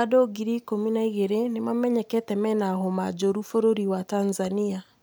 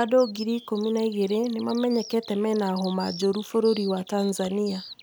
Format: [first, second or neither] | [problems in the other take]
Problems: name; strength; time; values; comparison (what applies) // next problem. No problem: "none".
first | background sound (Bird vocalization, bird call, bird song); 18 dB below the speech